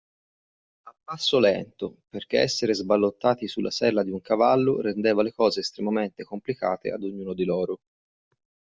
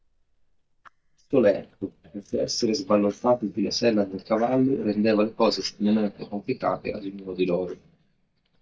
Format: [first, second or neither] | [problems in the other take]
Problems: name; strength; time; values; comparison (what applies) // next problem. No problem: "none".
first | noise reduction (neural mask model DeepFilterNet 3)